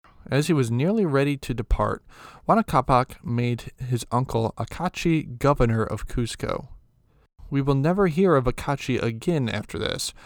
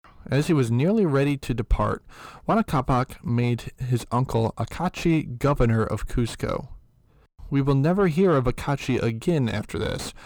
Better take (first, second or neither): first